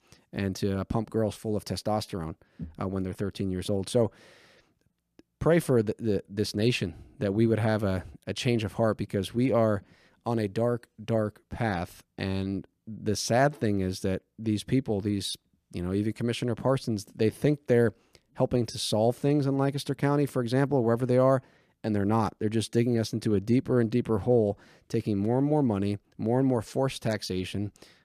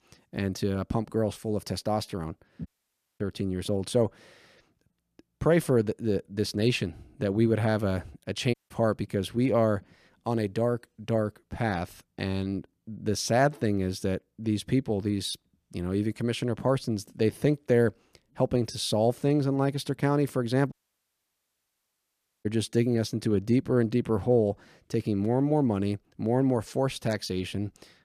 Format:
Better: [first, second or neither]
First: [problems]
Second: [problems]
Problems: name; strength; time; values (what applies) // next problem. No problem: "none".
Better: first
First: none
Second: audio cutting out; at 2.5 s for 0.5 s, at 8.5 s and at 21 s for 1.5 s